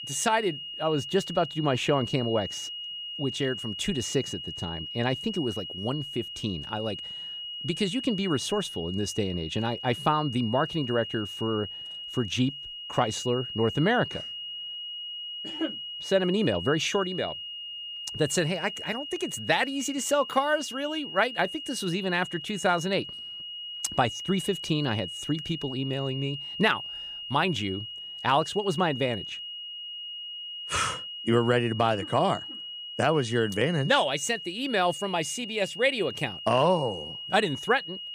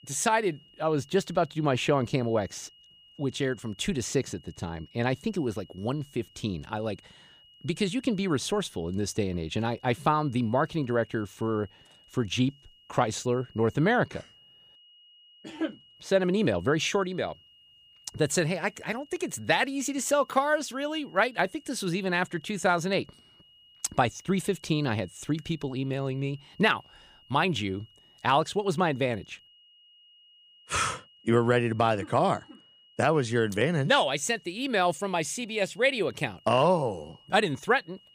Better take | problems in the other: second | high-pitched whine; loud; throughout; 3 kHz, 8 dB below the speech; faint in the second

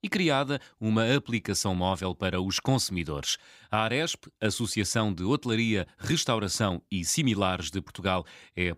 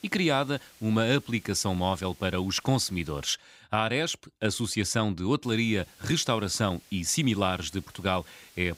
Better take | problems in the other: first | hiss; faint; until 3.5 s and from 5.5 s on; 25 dB below the speech

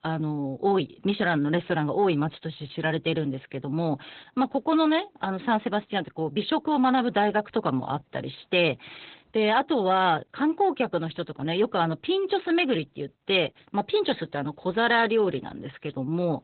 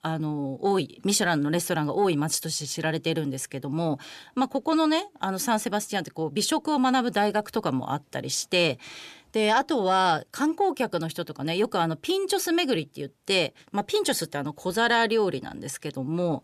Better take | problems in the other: second | garbled, watery; badly; nothing above 4 kHz

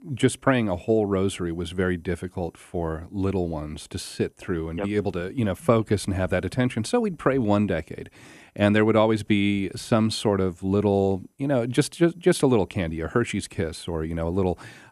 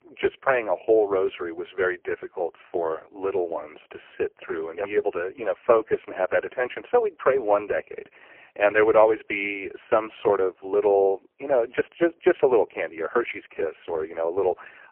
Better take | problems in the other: first | phone-call audio; poor line

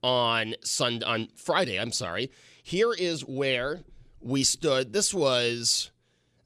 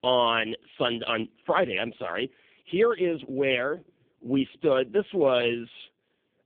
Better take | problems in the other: first | phone-call audio; poor line; nothing above 3.5 kHz

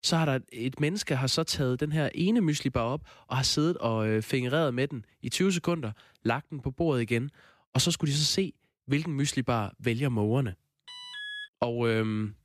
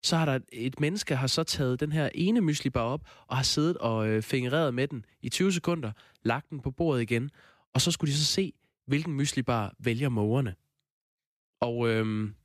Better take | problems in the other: second | alarm; noticeable; at 11 s; peak 8 dB below the speech

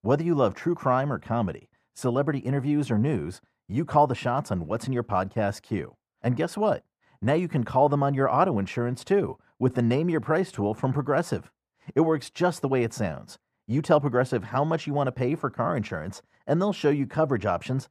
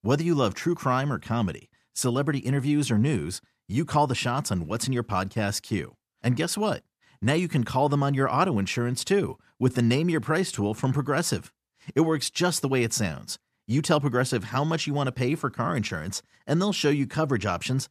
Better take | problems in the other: second | muffled; very; fading above 2.5 kHz

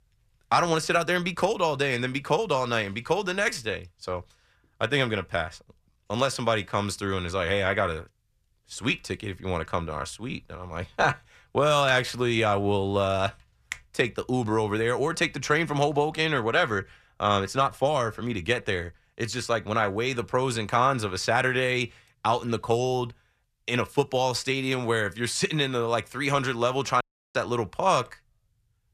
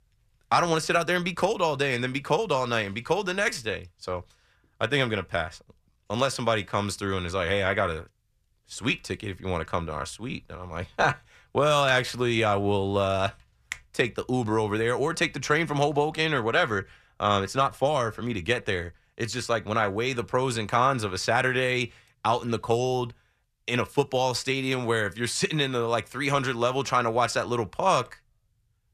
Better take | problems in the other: second | audio cutting out; at 27 s

